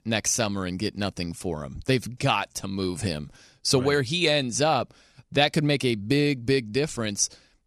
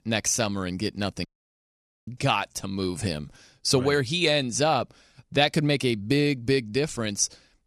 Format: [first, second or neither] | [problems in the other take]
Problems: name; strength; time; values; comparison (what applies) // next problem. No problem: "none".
first | audio cutting out; at 1.5 s for 1 s